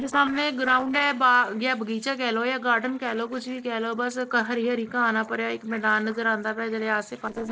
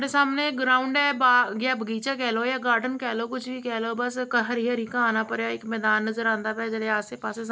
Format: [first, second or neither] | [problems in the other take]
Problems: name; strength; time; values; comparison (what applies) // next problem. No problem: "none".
second | noise reduction (neural separator model SepFormer DNS4)